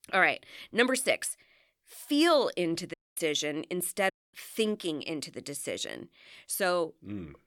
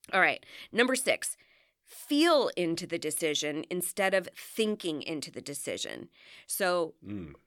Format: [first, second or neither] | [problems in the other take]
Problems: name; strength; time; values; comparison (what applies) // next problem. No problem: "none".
second | audio cutting out; at 3 s and at 4 s